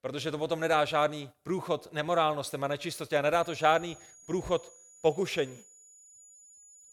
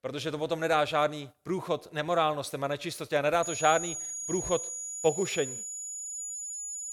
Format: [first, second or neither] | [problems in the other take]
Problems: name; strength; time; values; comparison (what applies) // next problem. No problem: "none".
first | high-pitched whine; loud; from 3.5 s on; 6.5 kHz, 5 dB below the speech; faint in the first